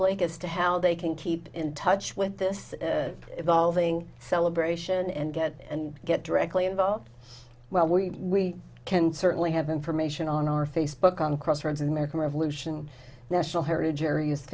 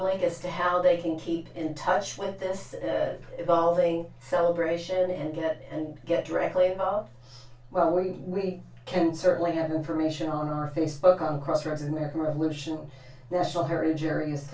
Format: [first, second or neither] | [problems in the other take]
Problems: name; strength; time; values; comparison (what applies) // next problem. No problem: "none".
first | room echo; dies away in 0.2 s